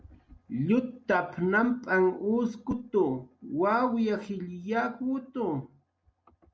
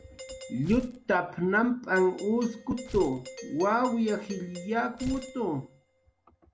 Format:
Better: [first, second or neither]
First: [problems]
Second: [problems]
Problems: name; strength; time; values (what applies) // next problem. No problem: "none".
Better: first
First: none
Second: background sound (Doorbell + Tearing); 15 dB below the speech